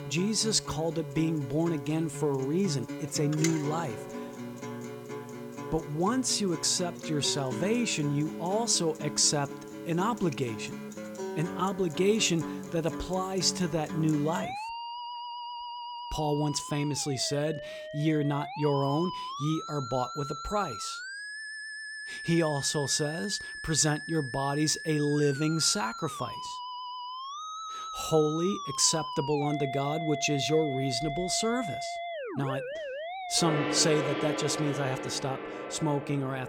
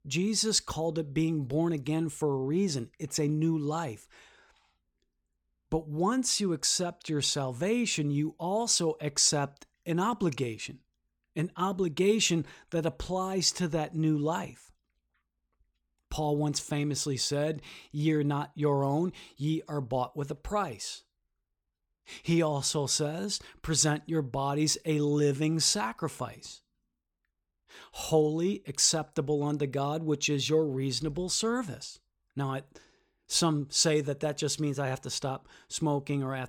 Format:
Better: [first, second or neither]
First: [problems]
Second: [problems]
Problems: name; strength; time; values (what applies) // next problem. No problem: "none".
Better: second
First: background music; loud; throughout; 8 dB below the speech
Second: none